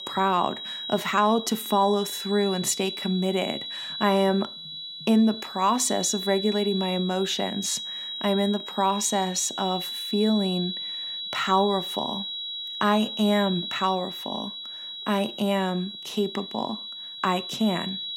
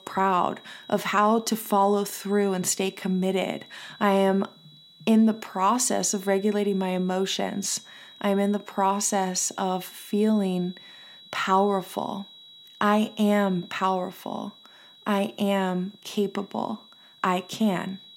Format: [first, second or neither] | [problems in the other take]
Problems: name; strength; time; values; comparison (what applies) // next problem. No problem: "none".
second | high-pitched whine; loud; throughout; 4 kHz, 7 dB below the speech; faint in the second